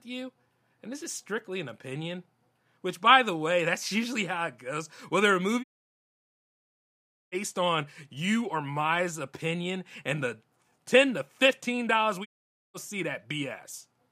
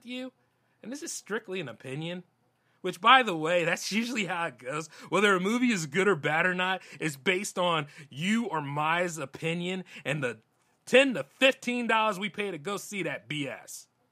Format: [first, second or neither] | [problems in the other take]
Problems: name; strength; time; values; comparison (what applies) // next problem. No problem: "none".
second | audio cutting out; at 5.5 s for 1.5 s and at 12 s